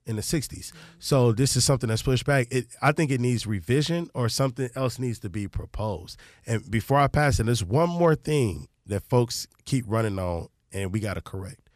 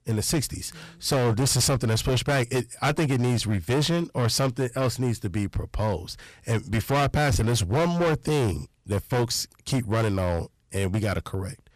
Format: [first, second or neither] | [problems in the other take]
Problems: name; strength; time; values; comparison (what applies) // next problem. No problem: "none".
first | distortion; heavy; 17% of the sound clipped